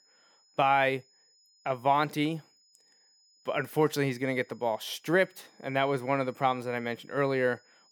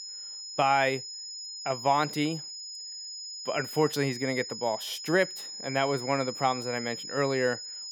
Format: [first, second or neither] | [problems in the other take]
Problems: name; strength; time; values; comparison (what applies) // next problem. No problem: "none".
first | high-pitched whine; loud; throughout; 5 kHz, 8 dB below the speech; faint in the first